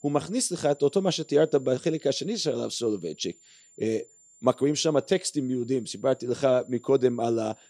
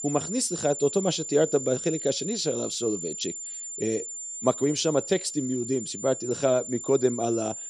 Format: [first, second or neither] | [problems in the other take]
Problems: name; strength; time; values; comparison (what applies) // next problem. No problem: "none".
first | high-pitched whine; loud; throughout; 7 kHz, 7 dB below the speech; faint in the first